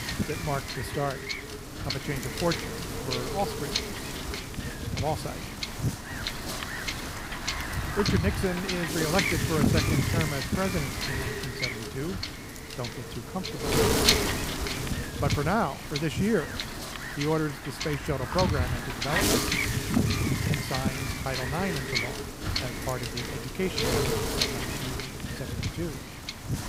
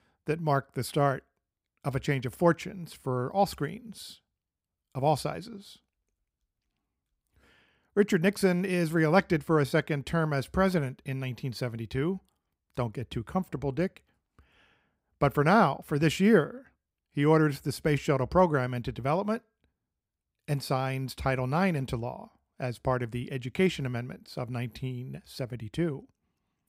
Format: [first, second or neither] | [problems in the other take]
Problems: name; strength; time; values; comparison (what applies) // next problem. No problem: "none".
second | wind noise on the microphone; heavy; 3 dB above the speech